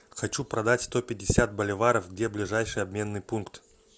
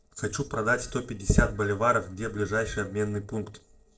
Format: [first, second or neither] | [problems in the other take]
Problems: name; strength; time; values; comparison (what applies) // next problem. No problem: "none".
first | noise reduction (neural separator model SepFormer DNS4)